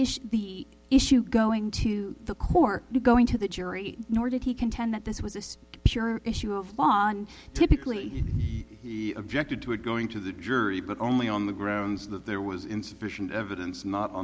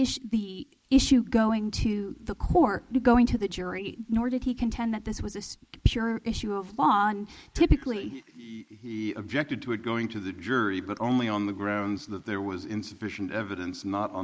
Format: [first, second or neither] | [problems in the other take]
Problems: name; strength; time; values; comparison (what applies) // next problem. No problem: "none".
first | noise reduction (neural mask model Resemble Enhance denoiser)